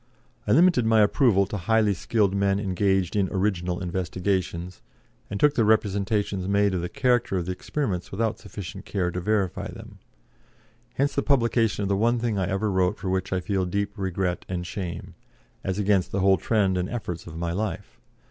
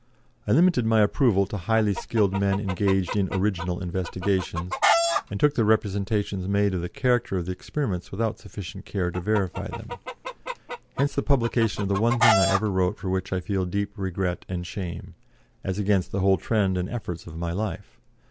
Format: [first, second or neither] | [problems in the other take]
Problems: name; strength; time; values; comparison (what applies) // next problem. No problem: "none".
first | background sound (Chicken, rooster); 5 dB below the speech